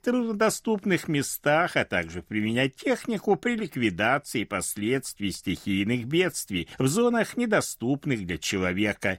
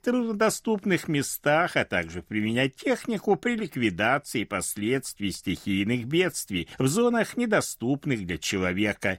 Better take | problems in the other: neither | none

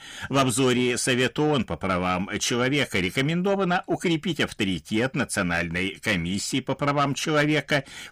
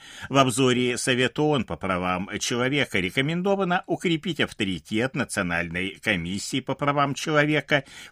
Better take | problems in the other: second | distortion; slight; 10 dB below the speech

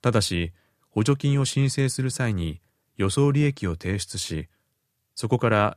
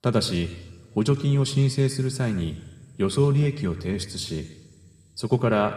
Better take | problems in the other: first | room echo; very slight; dies away in 1.6 s

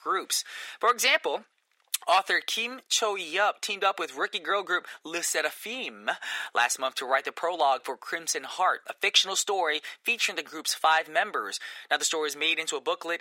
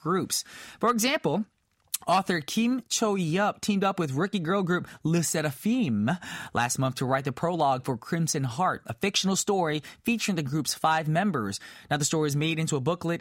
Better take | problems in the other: second | thin; very; fading below 400 Hz

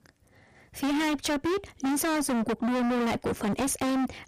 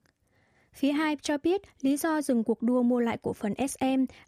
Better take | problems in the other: second | distortion; heavy; 36% of the sound clipped

